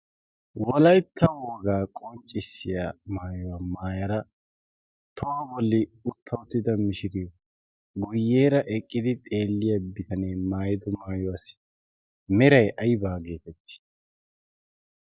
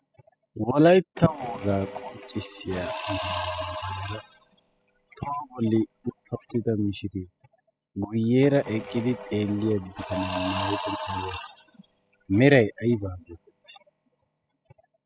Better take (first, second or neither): first